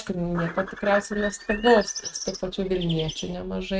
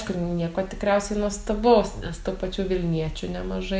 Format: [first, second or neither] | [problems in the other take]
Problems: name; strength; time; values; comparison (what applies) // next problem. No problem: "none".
second | noise reduction (neural mask model RNNoise)